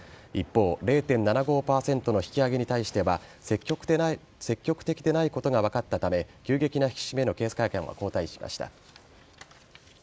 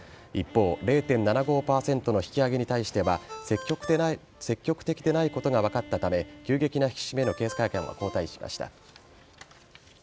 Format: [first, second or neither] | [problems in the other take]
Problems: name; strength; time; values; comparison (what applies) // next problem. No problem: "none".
first | background sound (Ringtone + Bowed string instrument); 19 dB below the speech